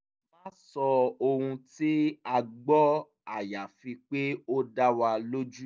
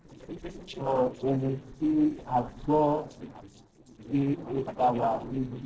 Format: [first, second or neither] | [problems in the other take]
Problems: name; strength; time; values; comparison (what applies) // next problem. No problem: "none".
first | noise reduction (neural separator model SepFormer DNS4)